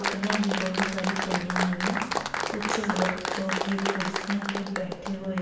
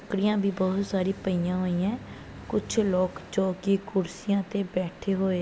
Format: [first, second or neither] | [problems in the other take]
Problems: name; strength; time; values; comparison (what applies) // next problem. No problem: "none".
second | background sound (Applause); as loud as the speech // room echo; dies away in 1 s